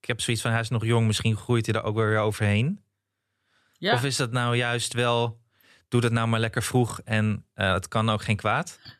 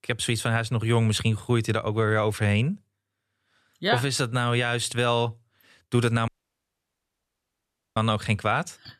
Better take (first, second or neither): first